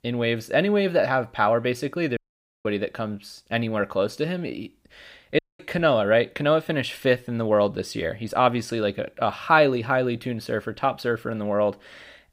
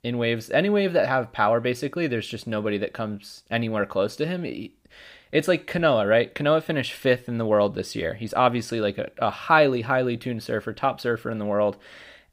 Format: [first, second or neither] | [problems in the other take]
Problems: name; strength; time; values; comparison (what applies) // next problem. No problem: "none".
second | audio cutting out; at 2 s and at 5.5 s